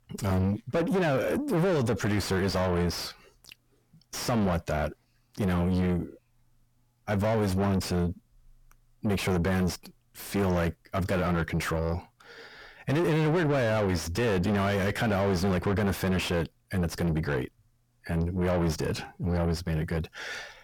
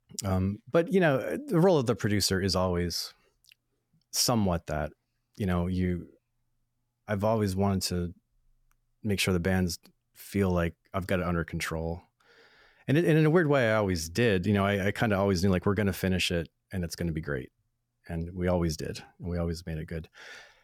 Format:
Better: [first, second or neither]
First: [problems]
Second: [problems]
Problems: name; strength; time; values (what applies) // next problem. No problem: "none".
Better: second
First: distortion; heavy; 5 dB below the speech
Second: none